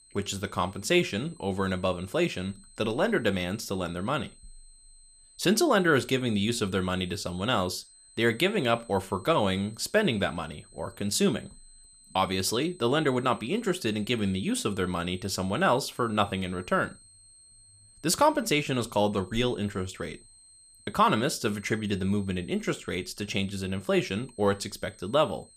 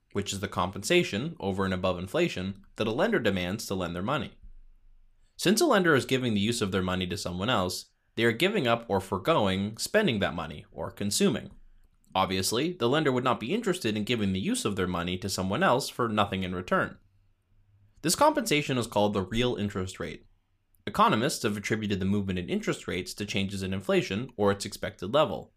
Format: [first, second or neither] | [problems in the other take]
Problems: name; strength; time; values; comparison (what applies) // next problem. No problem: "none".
second | high-pitched whine; faint; throughout; 8 kHz, 25 dB below the speech